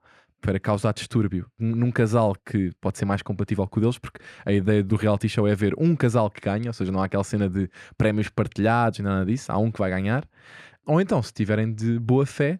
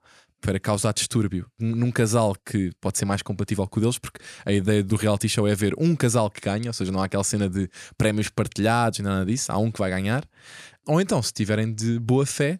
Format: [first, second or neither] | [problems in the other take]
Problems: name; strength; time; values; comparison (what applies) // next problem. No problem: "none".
second | muffled; slightly; fading above 4 kHz